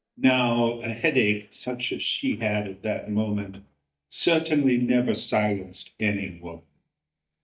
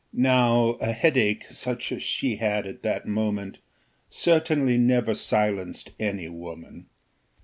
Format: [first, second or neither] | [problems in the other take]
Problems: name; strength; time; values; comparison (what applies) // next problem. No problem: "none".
second | noise reduction (neural mask model DeepFilterNet 3)